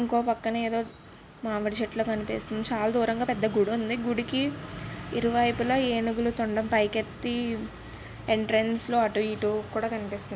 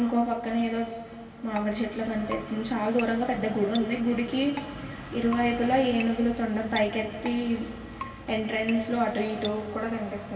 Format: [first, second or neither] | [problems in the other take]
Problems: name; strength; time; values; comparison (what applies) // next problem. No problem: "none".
first | background sound (Keyboard (musical)); 16 dB below the speech // room echo; dies away in 2.3 s